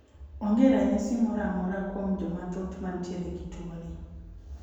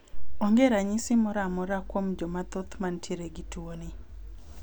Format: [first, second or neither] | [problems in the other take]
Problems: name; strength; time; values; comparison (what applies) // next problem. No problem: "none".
second | room echo; dies away in 1.2 s